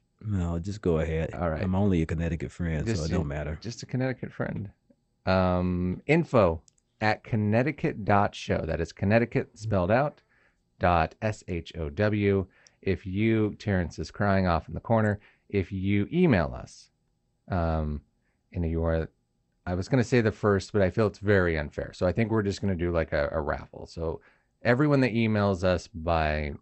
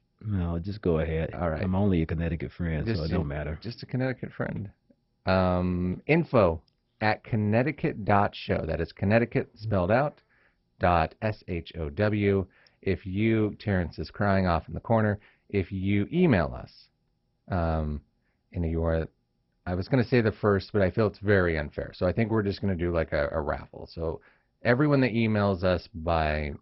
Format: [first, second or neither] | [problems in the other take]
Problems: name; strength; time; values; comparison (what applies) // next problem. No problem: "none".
first | garbled, watery; badly; nothing above 5.5 kHz; slightly in the first